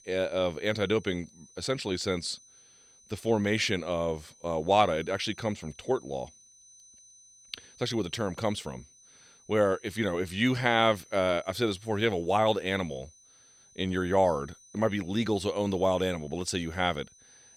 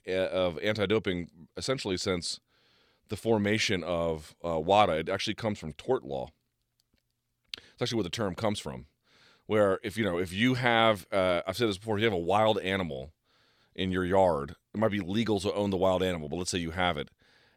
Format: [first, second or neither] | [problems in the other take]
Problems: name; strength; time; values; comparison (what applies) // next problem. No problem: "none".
second | high-pitched whine; faint; throughout; 6 kHz, 25 dB below the speech